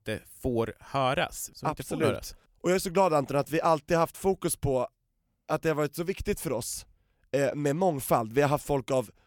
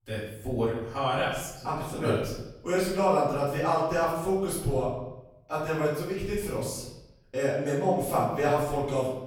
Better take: first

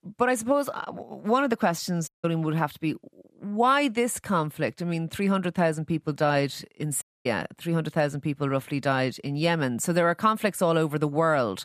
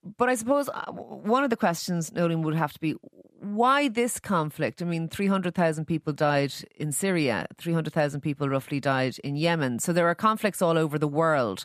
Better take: second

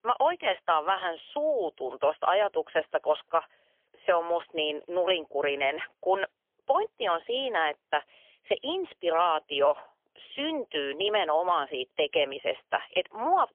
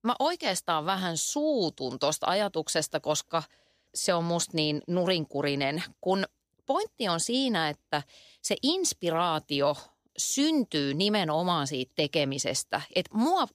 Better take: second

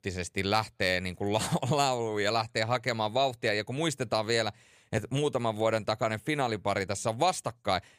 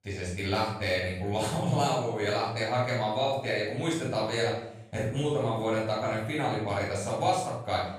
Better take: first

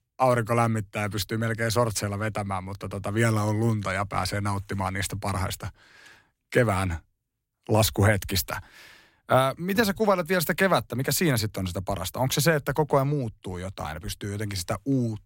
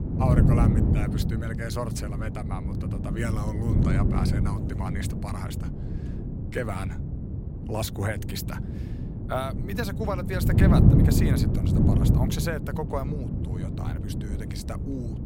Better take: first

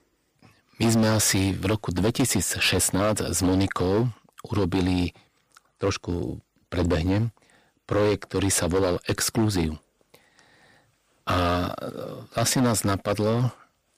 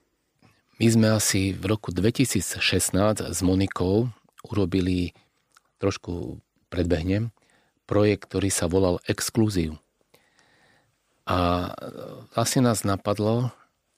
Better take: second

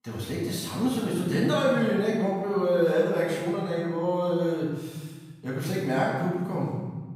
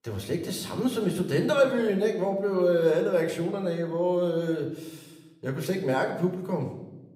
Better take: second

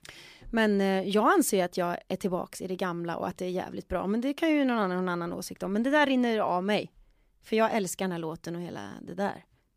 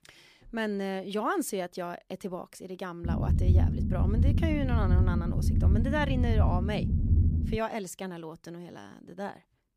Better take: first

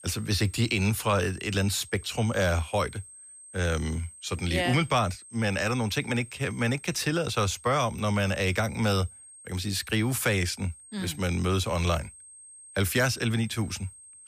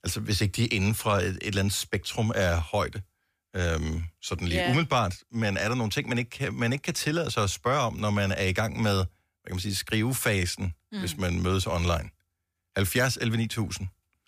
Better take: second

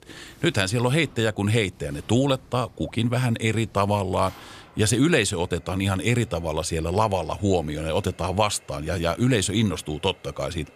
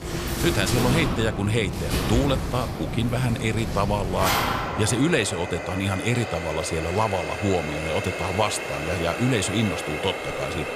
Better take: first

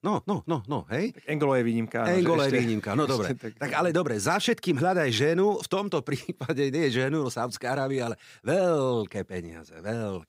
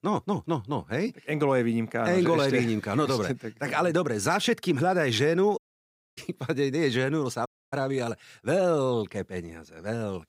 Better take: first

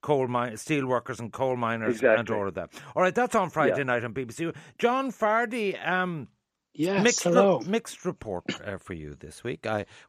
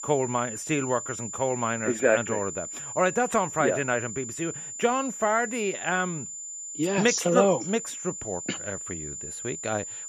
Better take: first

